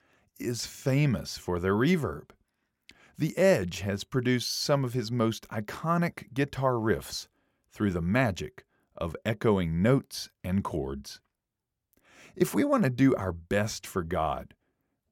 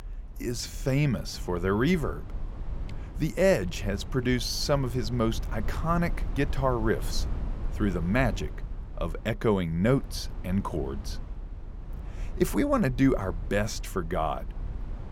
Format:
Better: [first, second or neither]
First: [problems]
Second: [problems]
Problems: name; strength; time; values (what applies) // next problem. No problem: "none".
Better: first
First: none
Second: low rumble; noticeable; throughout; 20 dB below the speech